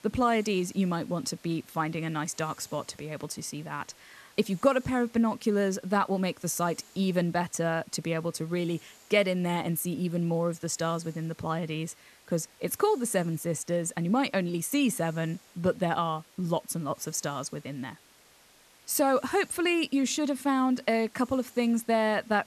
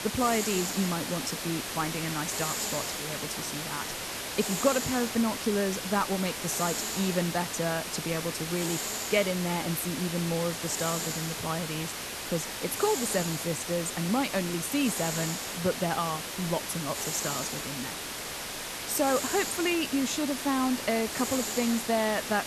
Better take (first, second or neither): first